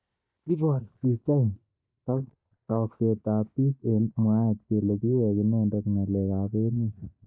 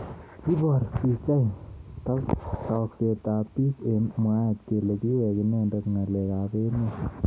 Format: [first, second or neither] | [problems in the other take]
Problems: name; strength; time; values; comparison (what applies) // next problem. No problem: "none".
second | noise reduction (neural mask model DeepFilterNet 3)